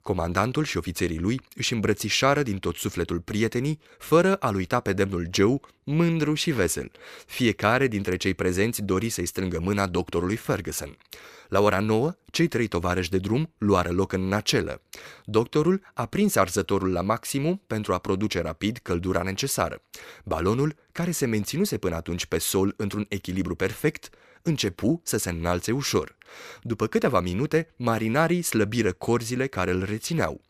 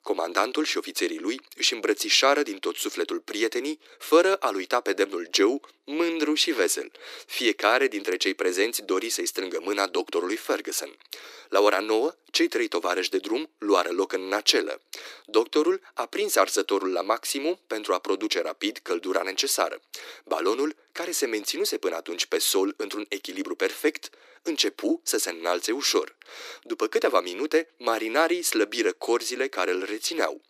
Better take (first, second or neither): first